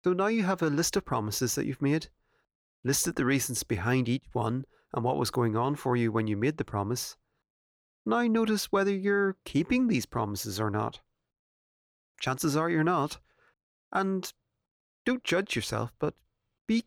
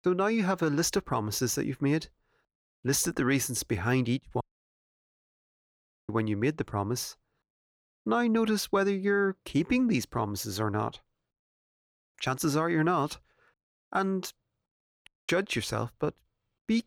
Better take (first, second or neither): first